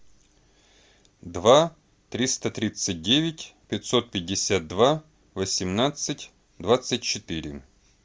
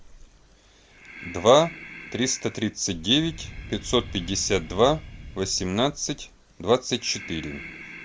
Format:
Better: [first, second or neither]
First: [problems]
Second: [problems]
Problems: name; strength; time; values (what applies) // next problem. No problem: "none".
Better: first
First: none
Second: background sound (Breathing); 15 dB below the speech